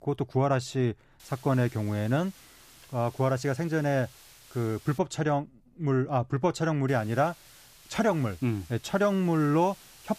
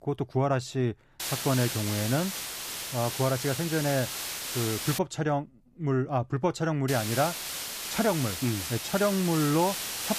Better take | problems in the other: first | hiss; loud; from 1 to 5 s and from 7 s on; 4 dB below the speech; faint in the first

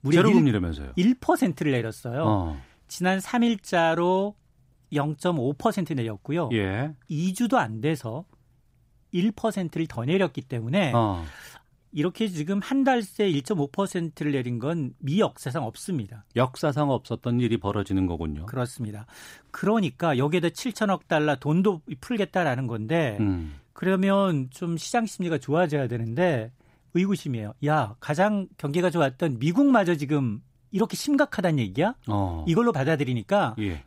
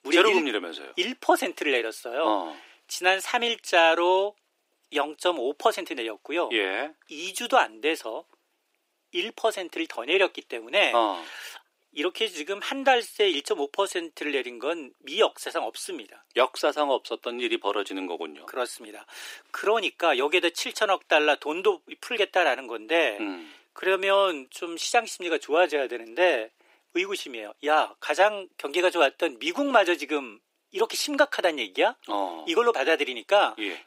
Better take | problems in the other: first | thin; very; fading below 350 Hz

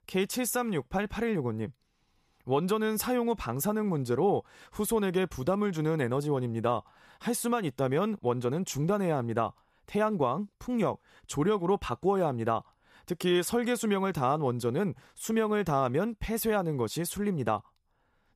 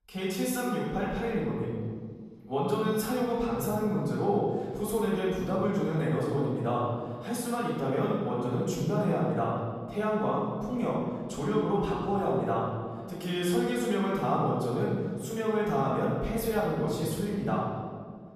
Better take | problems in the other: first | off-mic speech; far // room echo; strong; dies away in 1.7 s

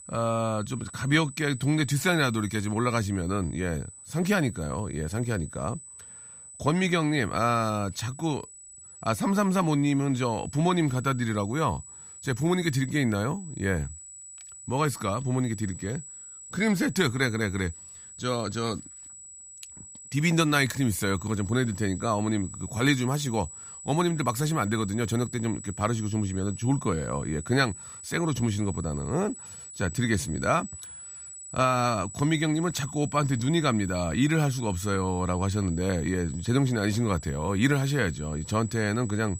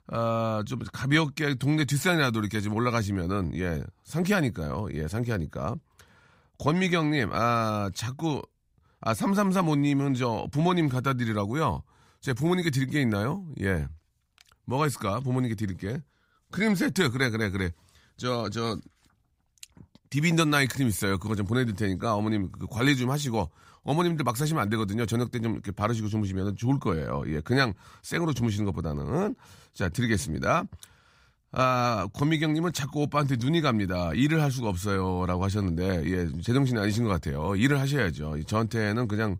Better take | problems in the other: second | high-pitched whine; noticeable; throughout; 8 kHz, 15 dB below the speech

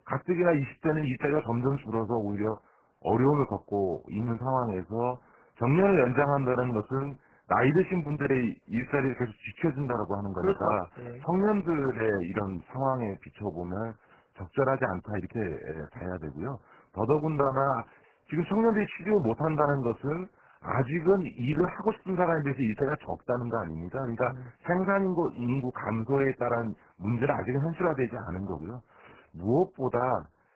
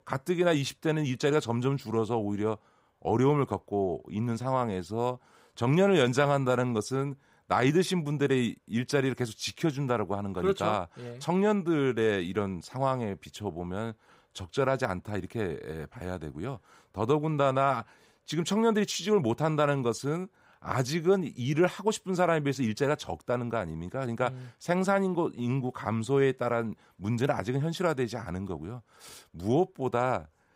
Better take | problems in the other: second | garbled, watery; badly

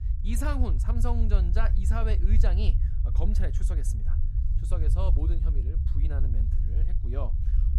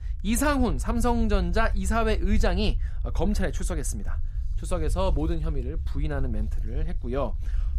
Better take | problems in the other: second | low rumble; loud; throughout; 7 dB below the speech; faint in the second

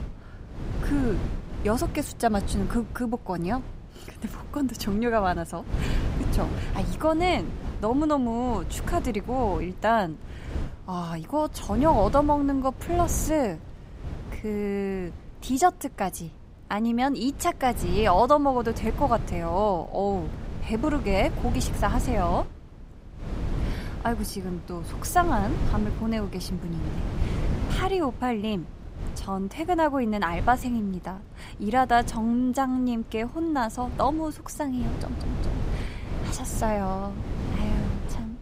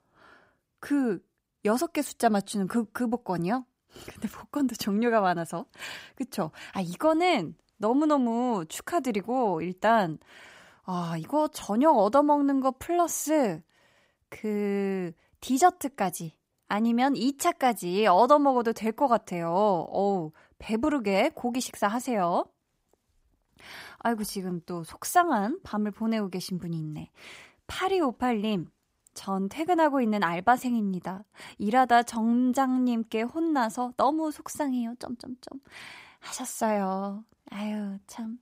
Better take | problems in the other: second | wind noise on the microphone; occasional gusts; 15 dB below the speech

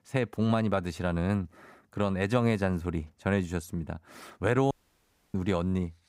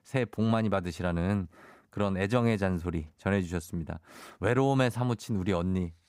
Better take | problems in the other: second | audio cutting out; at 4.5 s for 0.5 s

